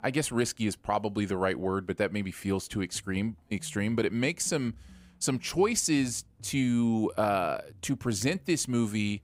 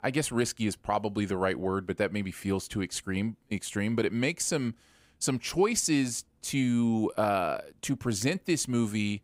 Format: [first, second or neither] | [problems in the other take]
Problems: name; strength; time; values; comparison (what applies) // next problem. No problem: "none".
second | background music; faint; throughout; 25 dB below the speech